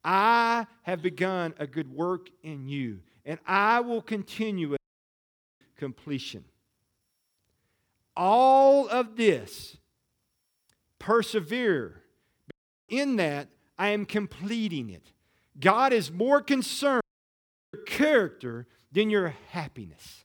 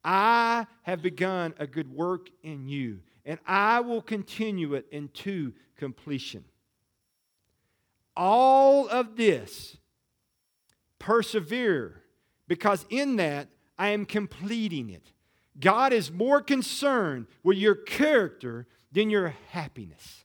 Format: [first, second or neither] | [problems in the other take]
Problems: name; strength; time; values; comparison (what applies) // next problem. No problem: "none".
second | audio cutting out; at 5 s for 1 s, at 13 s and at 17 s for 0.5 s